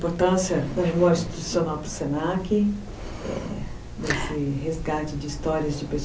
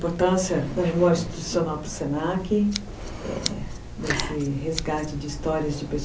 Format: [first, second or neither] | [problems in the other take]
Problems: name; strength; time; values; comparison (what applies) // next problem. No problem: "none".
first | background sound (Scissors); 13 dB below the speech